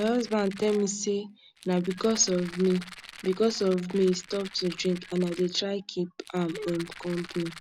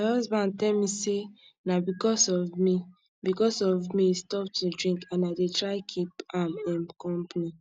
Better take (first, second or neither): second